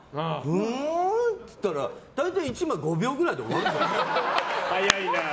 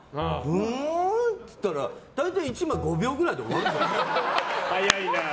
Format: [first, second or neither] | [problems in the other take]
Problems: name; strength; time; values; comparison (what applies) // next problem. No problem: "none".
first | background sound (Bell); 16 dB below the speech